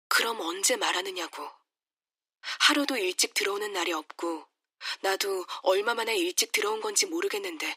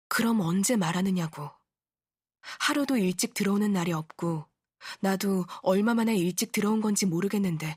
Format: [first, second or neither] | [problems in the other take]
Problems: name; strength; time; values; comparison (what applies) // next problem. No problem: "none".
second | thin; very; fading below 300 Hz